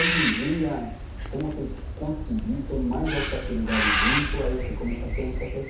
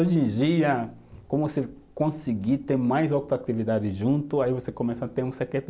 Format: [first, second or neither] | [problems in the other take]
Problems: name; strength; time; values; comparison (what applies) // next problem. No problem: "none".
second | background sound (Bird); 1 dB above the speech // room echo; dies away in 0.5 s